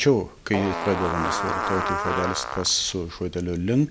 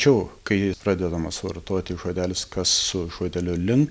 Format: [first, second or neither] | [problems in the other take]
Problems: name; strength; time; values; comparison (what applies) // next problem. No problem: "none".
second | background sound (Fart); 3 dB below the speech